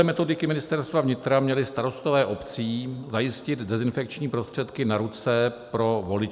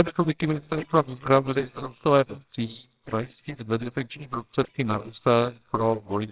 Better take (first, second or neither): first